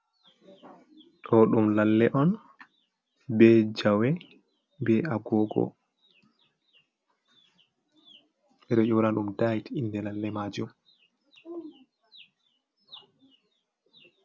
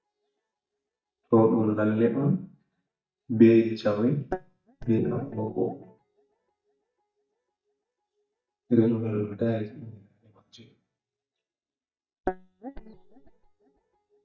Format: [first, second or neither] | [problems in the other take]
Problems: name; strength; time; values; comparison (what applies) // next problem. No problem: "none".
first | noise reduction (neural mask model DeepFilterNet 3)